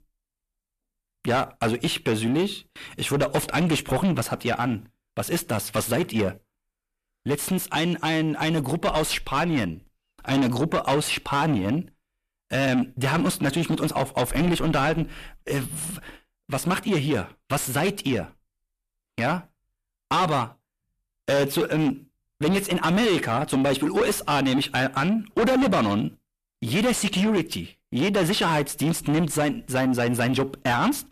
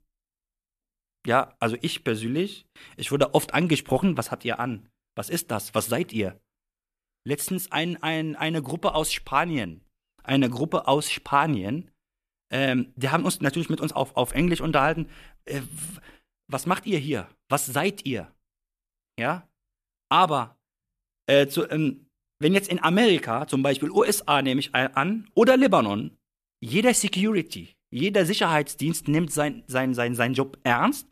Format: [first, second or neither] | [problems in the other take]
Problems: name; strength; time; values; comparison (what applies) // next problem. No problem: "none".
second | distortion; heavy; 5 dB below the speech